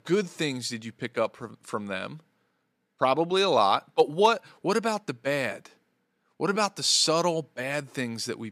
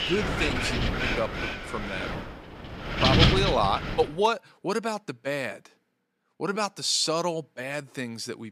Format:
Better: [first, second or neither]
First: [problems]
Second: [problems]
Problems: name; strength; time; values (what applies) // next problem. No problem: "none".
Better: first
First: none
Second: wind noise on the microphone; heavy; until 4 s; 1 dB above the speech